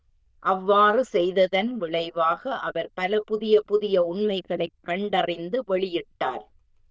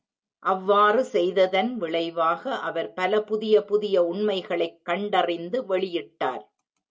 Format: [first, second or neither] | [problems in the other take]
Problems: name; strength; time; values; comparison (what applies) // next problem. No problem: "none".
second | noise reduction (neural diffusion model UNIVERSE++)